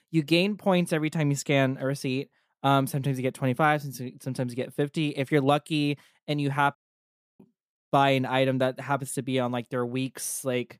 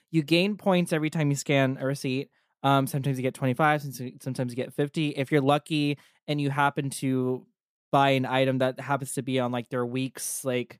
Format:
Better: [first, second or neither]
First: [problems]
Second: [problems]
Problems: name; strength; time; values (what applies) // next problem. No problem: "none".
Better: second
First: audio cutting out; at 7 s for 0.5 s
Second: none